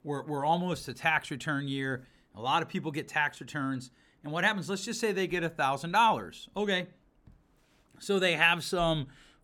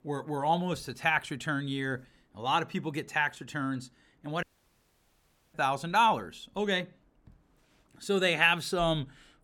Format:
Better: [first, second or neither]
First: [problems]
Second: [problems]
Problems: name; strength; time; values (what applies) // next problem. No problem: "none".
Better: first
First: none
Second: audio cutting out; at 4.5 s for 1 s